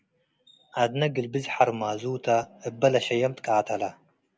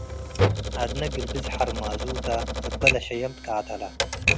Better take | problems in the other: first | background sound (Typewriter); 4 dB above the speech

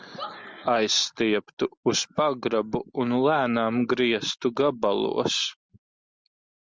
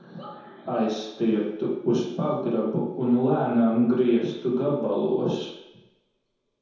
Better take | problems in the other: first | room echo; dies away in 0.9 s

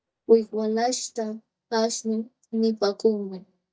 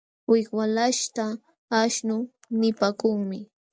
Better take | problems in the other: second | noise reduction (neural mask model DeepFilterNet 3)

